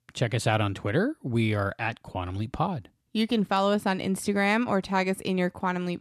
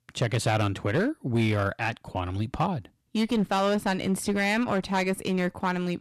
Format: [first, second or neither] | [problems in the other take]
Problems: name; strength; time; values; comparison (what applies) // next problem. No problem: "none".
first | distortion; slight; 9% of the sound clipped